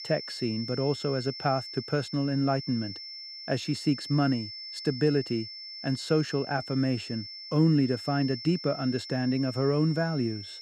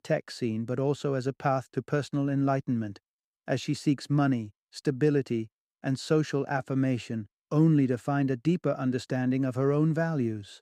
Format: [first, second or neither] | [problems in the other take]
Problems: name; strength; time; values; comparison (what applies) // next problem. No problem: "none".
second | high-pitched whine; loud; throughout; 5.5 kHz, 10 dB below the speech